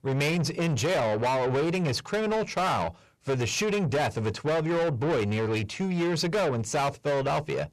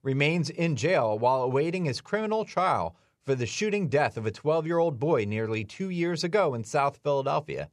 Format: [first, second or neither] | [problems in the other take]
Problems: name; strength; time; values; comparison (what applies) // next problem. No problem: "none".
second | distortion; heavy; 7 dB below the speech